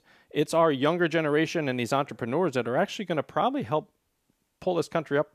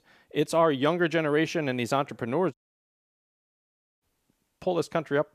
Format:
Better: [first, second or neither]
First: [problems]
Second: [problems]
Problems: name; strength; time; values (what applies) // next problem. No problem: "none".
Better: first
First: none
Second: audio cutting out; at 2.5 s for 1.5 s